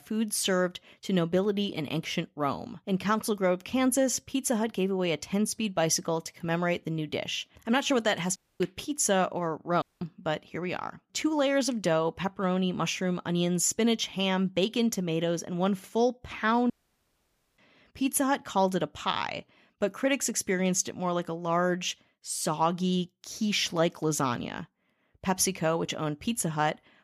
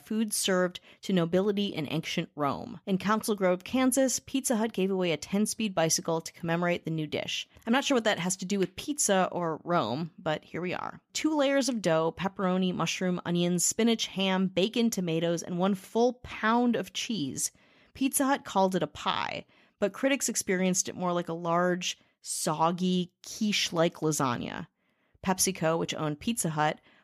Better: second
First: audio cutting out; at 8.5 s, at 10 s and at 17 s for 1 s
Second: none

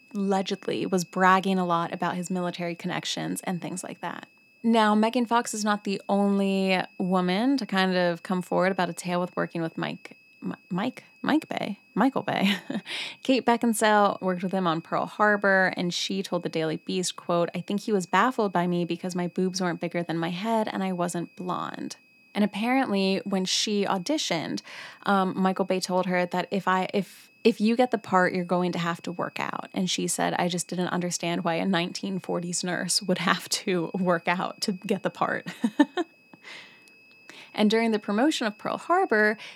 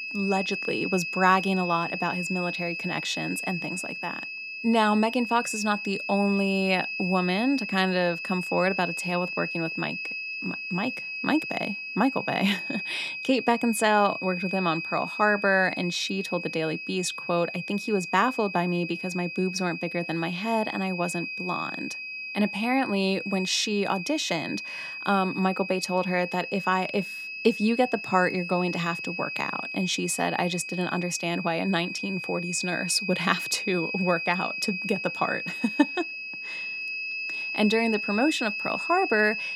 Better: first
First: high-pitched whine; faint; throughout; 2.5 kHz, 30 dB below the speech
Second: high-pitched whine; loud; throughout; 2.5 kHz, 5 dB below the speech

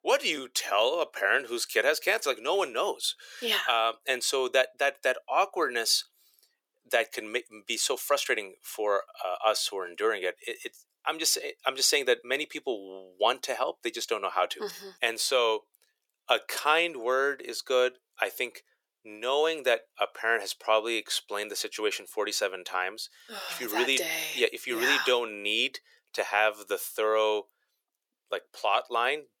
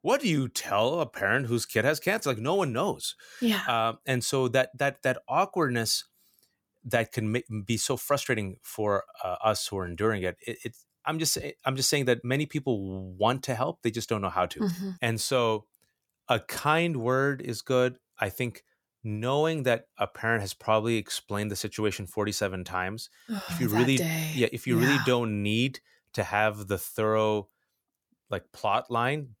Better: second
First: thin; very; fading below 400 Hz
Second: none

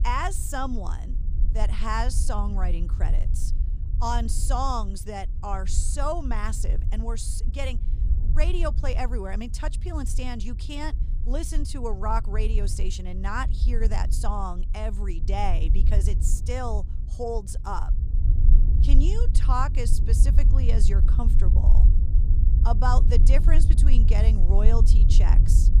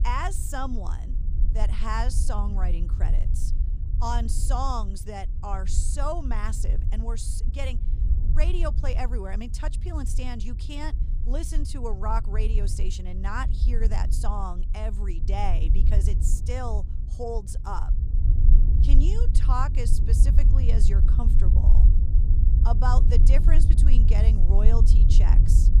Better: first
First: wind noise on the microphone; occasional gusts; 10 dB below the speech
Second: wind noise on the microphone; heavy; 9 dB below the speech

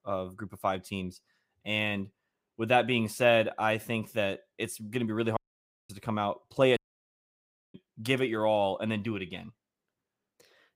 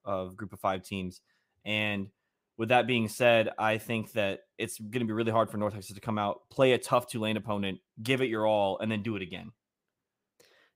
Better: second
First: audio cutting out; at 5.5 s for 0.5 s and at 7 s for 1 s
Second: none

